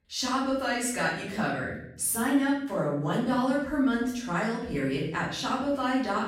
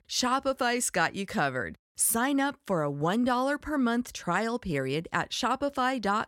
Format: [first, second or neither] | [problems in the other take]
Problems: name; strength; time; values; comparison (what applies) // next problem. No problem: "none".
second | room echo; noticeable; dies away in 0.7 s // off-mic speech; far